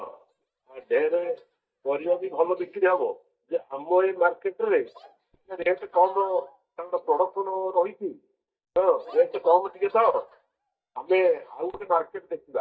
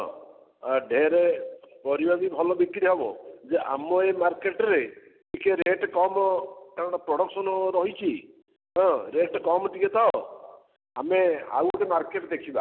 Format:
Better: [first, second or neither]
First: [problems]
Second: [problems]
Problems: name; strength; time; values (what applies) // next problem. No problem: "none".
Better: second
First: noise reduction (neural mask model DeepFilterNet 3)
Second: none